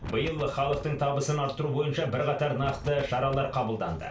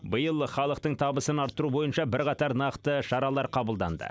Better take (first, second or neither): second